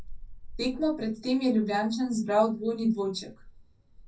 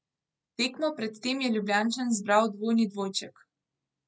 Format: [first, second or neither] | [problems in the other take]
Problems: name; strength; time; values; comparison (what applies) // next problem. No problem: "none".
second | background sound (Wind); 16 dB below the speech // room echo; dies away in 0.3 s